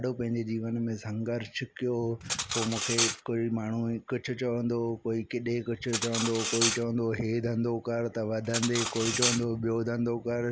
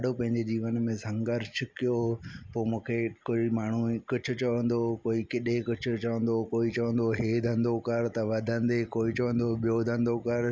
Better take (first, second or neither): second